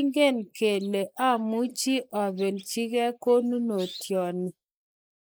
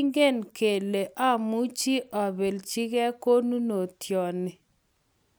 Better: second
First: noise reduction (neural mask model Resemble Enhance denoiser)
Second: none

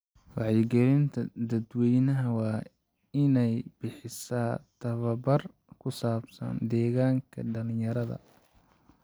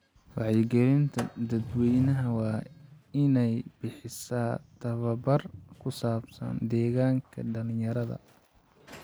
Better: first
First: none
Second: background sound (Sliding door); 17 dB below the speech

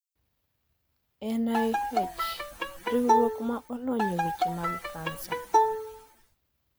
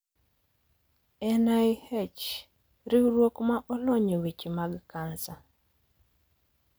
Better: second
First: background sound (Bowed string instrument); 4 dB above the speech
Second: none

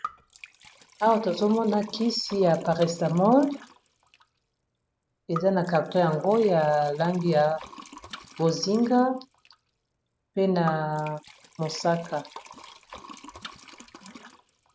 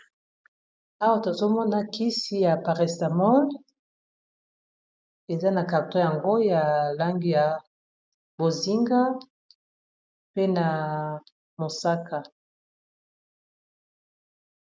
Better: second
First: background sound (Liquid); 19 dB below the speech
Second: none

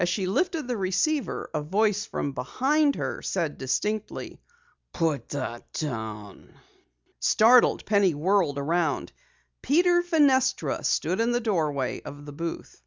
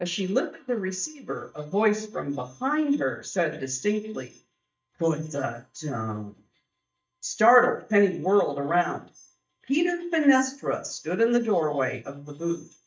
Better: first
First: none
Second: noise reduction (neural mask model DeepFilterNet 3)

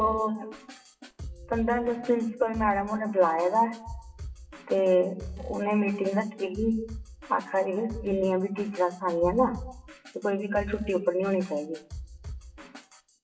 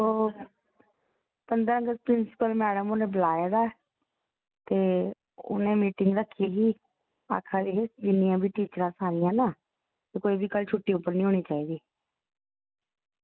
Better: second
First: noise reduction (classical method WPE with log-MMSE)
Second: none

